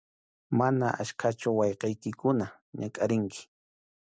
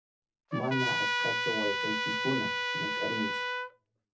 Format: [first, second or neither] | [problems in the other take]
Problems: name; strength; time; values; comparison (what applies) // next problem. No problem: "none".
first | background sound (Trumpet); 4 dB above the speech // room echo; dies away in 0.3 s